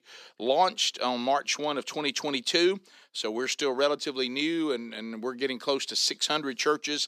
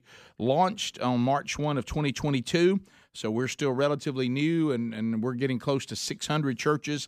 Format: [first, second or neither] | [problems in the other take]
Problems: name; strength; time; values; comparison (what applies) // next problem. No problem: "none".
second | thin; somewhat; fading below 350 Hz